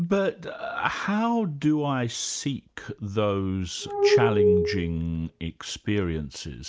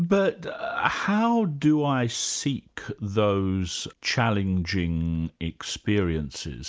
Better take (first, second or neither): second